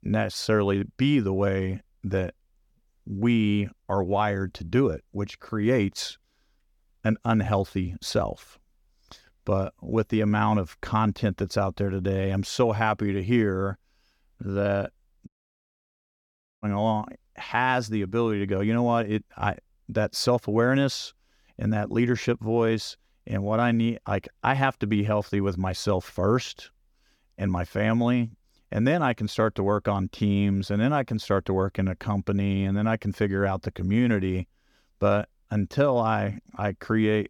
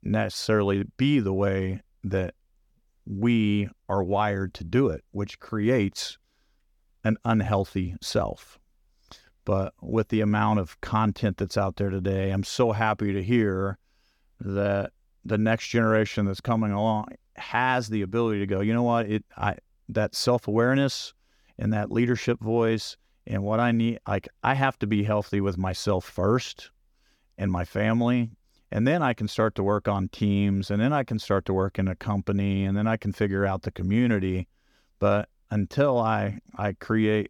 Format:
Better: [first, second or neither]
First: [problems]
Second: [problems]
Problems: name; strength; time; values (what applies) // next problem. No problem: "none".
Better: second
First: audio cutting out; at 15 s for 1.5 s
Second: none